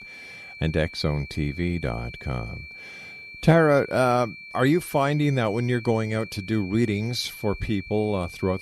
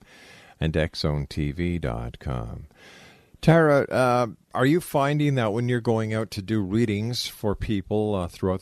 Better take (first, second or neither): second